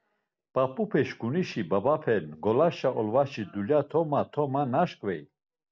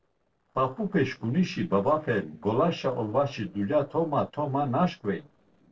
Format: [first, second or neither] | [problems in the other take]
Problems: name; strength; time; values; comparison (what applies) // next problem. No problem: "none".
first | noise reduction (neural separator model SepFormer DNS4)